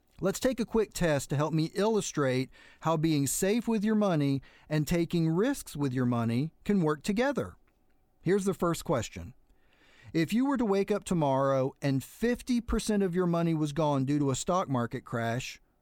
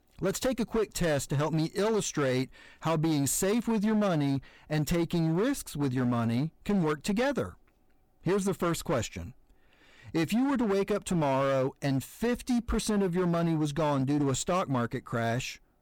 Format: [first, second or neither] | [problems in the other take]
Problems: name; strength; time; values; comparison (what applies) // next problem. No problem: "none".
first | distortion; slight; 14% of the sound clipped